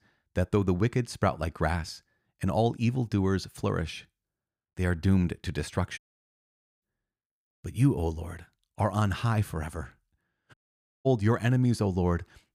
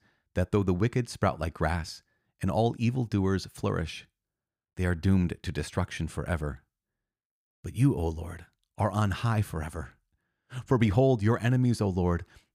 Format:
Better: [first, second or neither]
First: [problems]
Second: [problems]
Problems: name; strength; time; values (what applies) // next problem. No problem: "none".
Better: second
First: audio cutting out; at 6 s for 1 s and at 11 s for 0.5 s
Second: none